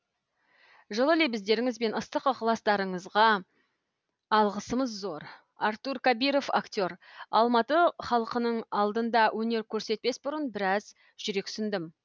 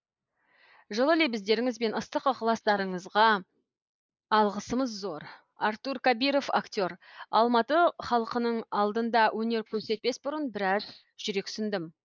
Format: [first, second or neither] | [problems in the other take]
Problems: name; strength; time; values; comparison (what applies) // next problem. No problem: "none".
first | noise reduction (neural mask model Resemble Enhance denoiser)